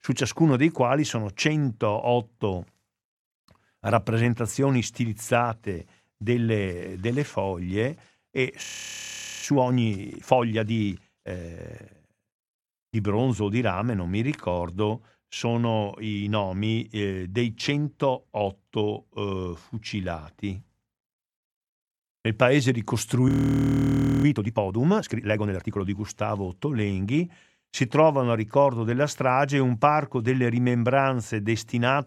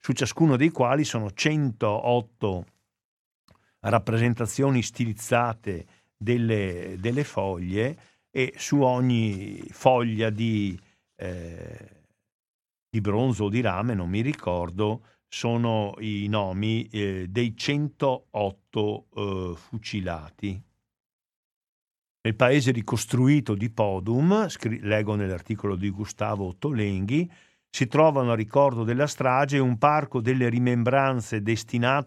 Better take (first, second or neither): second